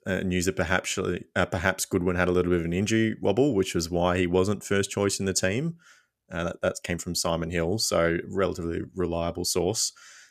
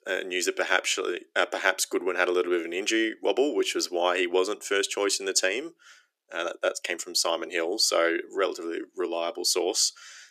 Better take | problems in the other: first | thin; very; fading below 300 Hz

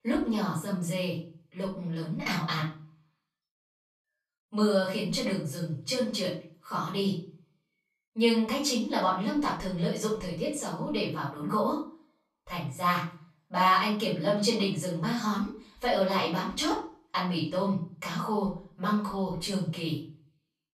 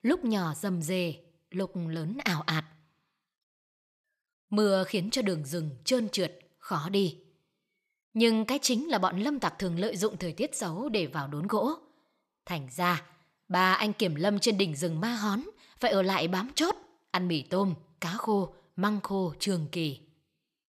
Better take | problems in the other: second | room echo; slight; dies away in 0.3 s // off-mic speech; far

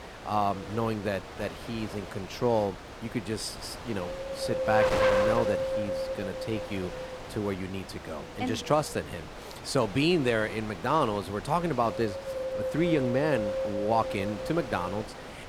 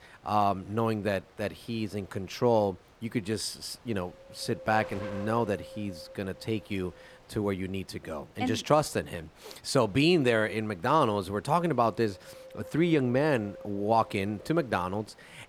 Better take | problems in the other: second | wind noise on the microphone; heavy; 3 dB below the speech; occasional gusts in the second

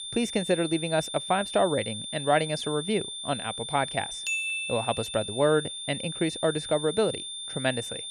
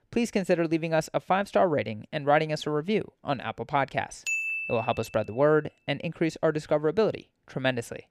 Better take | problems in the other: second | high-pitched whine; loud; throughout; 3.5 kHz, 6 dB below the speech

